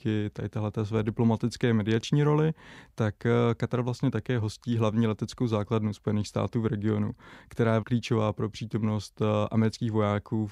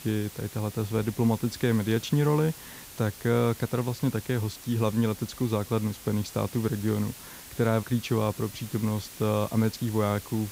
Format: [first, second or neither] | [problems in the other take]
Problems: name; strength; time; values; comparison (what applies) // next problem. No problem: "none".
first | hiss; noticeable; throughout; 15 dB below the speech